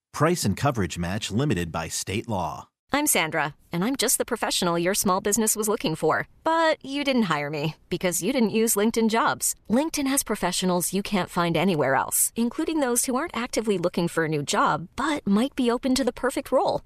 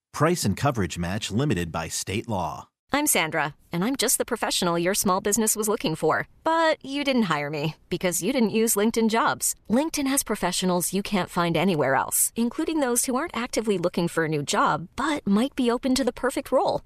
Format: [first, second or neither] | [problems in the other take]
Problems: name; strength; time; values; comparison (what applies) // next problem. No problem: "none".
neither | none